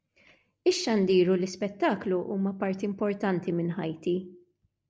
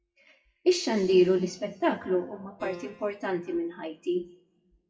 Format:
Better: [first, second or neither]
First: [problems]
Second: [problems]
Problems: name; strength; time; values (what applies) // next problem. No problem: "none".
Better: first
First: none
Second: noise reduction (classical method WPE with log-MMSE)